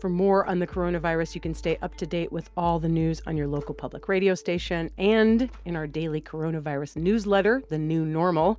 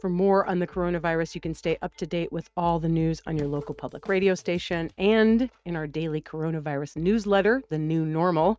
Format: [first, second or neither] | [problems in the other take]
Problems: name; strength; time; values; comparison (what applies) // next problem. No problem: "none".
first | noise reduction (neural mask model RNNoise)